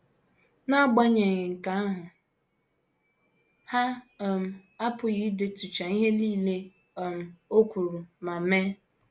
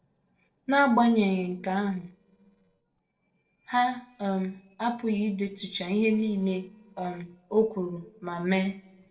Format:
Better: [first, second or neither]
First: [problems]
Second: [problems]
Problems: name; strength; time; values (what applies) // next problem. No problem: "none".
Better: first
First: none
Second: noise reduction (neural separator model SepFormer DNS4)